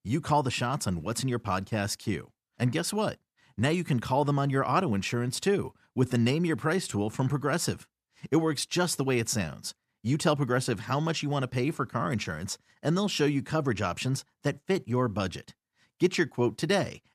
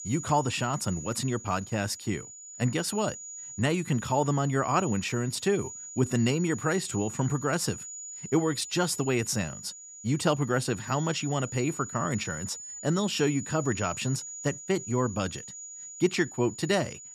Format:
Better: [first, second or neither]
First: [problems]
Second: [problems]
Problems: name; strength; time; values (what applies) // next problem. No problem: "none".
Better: first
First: none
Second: high-pitched whine; noticeable; throughout; 7 kHz, 10 dB below the speech